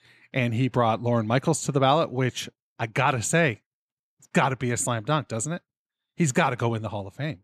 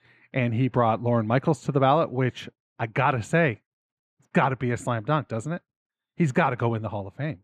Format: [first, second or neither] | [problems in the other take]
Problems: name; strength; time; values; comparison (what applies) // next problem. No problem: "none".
first | muffled; very; fading above 4 kHz